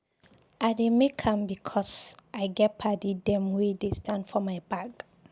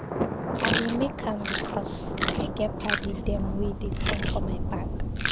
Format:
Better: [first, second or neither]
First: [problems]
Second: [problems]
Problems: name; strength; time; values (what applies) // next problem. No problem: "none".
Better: first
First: none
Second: background sound (Chewing, mastication + Thunder); 5 dB above the speech